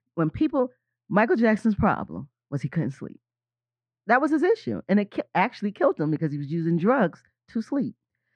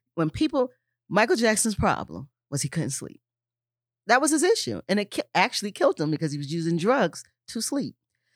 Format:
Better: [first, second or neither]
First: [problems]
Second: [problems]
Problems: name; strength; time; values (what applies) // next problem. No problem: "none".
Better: second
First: muffled; very; fading above 1.5 kHz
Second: none